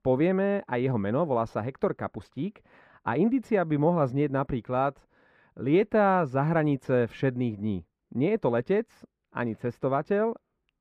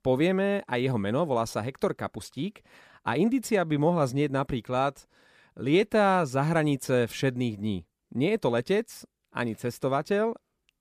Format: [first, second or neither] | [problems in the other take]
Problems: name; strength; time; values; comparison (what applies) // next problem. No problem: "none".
second | muffled; very; fading above 3.5 kHz